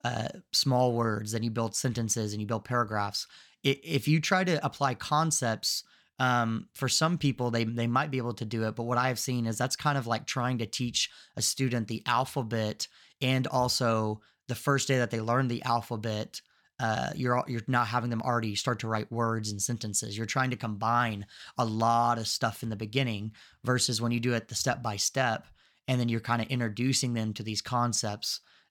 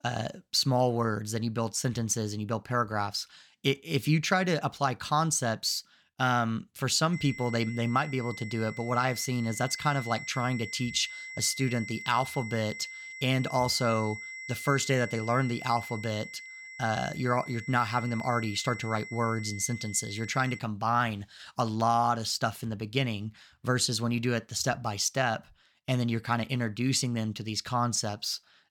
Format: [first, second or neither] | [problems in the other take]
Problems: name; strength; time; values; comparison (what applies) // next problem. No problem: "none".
first | high-pitched whine; noticeable; from 7 to 21 s; 2 kHz, 10 dB below the speech